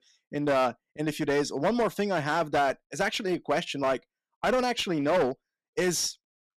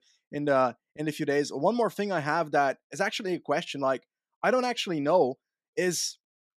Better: second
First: distortion; slight; 9% of the sound clipped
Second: none

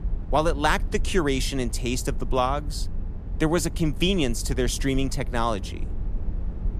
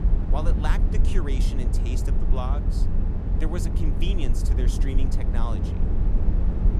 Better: first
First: low rumble; faint; throughout; 20 dB below the speech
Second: low rumble; loud; throughout; 3 dB below the speech

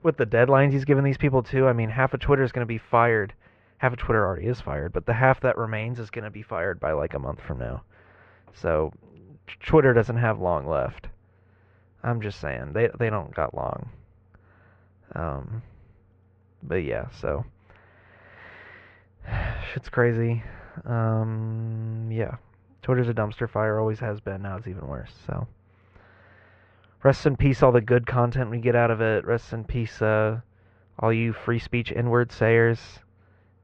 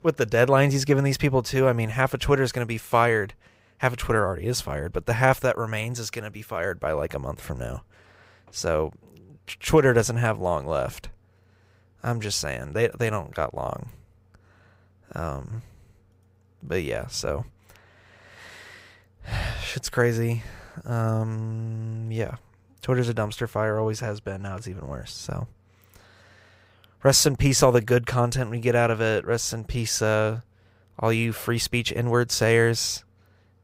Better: second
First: muffled; very; fading above 2.5 kHz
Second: none

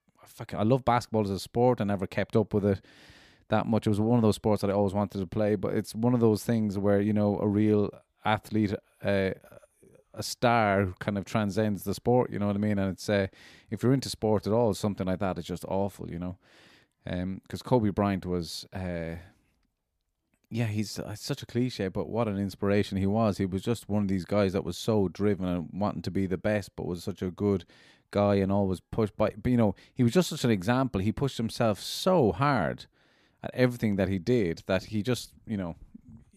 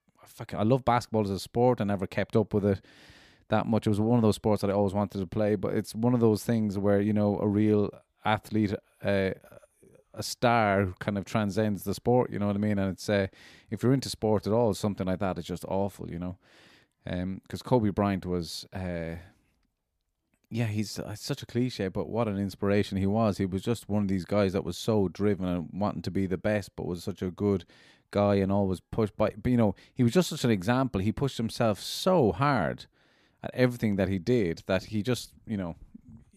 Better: neither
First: none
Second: none

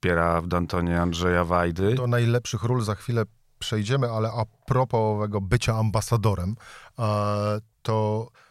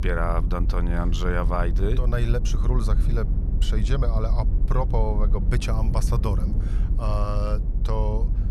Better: first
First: none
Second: low rumble; noticeable; throughout; 10 dB below the speech

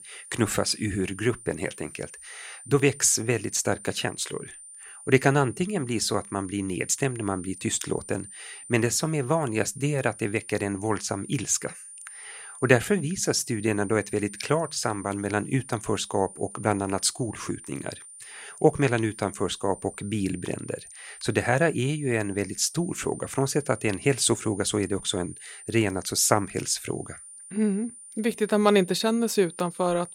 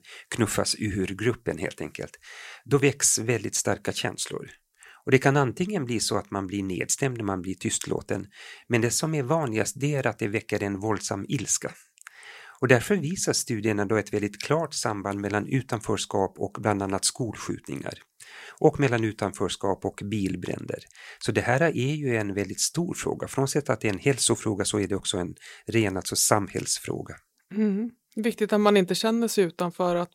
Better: second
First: high-pitched whine; noticeable; throughout; 9 kHz, 15 dB below the speech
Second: none

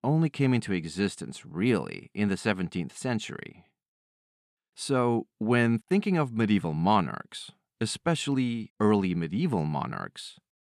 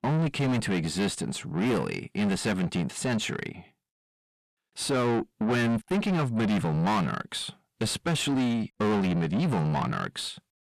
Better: first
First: none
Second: distortion; heavy; 5 dB below the speech

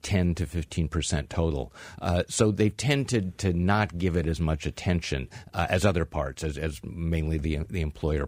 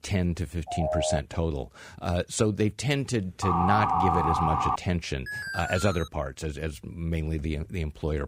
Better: first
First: none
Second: phone ringing; loud; at 0.5 s; peak 1 dB above the speech // siren; loud; from 3.5 to 5 s; peak 5 dB above the speech // alarm; noticeable; at 5.5 s; peak 4 dB below the speech

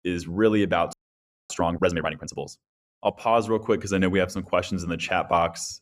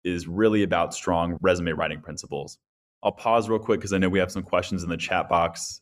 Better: second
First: audio freezing; at 1 s for 0.5 s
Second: none

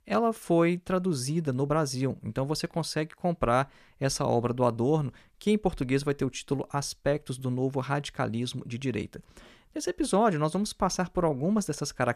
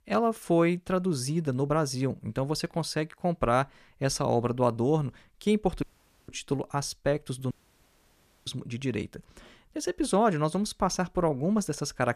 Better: first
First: none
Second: audio cutting out; at 6 s and at 7.5 s for 1 s

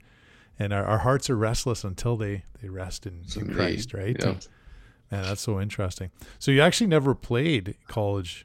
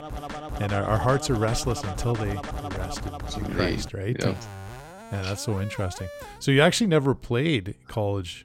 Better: first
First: none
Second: background music; noticeable; throughout; 10 dB below the speech

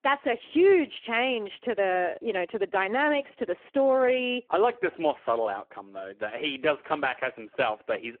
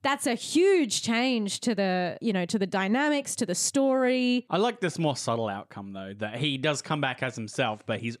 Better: second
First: phone-call audio; poor line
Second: none

